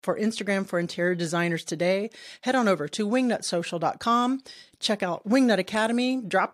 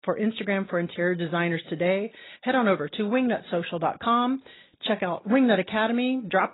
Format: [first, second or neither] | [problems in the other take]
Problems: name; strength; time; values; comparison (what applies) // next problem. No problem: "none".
first | garbled, watery; badly; nothing above 4 kHz